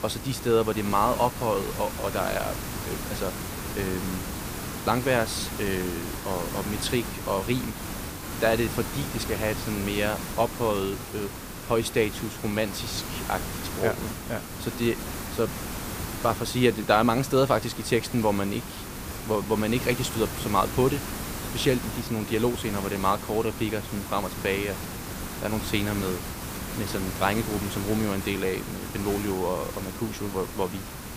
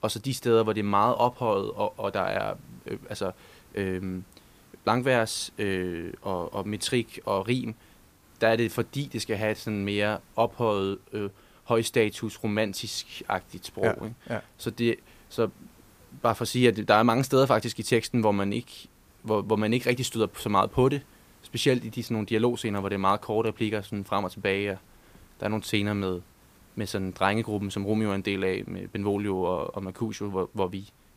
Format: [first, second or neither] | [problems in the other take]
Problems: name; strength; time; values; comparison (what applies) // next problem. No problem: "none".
second | hiss; loud; throughout; 6 dB below the speech; faint in the second